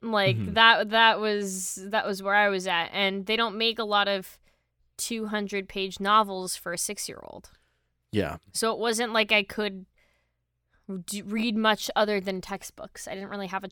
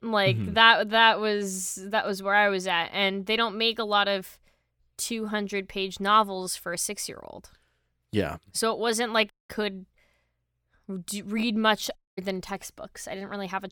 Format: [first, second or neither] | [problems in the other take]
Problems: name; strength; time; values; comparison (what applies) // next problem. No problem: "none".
first | audio cutting out; at 9.5 s and at 12 s